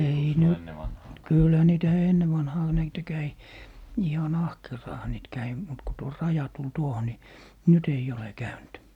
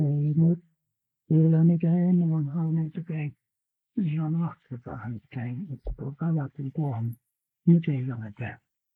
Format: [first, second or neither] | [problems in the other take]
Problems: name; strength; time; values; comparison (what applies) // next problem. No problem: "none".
first | noise reduction (neural mask model Resemble Enhance denoiser)